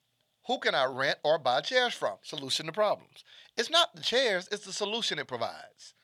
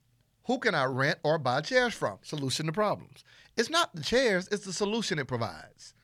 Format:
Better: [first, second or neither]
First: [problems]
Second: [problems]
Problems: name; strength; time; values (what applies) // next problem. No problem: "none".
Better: second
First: thin; somewhat; fading below 900 Hz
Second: none